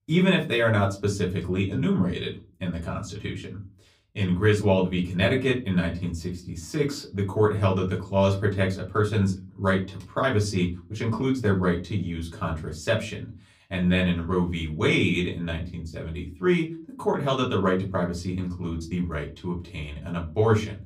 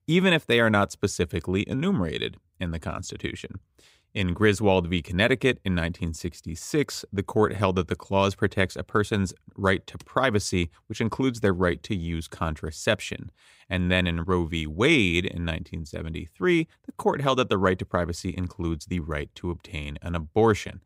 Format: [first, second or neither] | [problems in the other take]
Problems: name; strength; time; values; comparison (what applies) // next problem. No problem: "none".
second | off-mic speech; far // room echo; very slight; dies away in 0.3 s